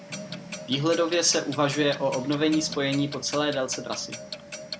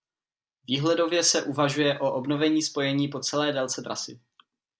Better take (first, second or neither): second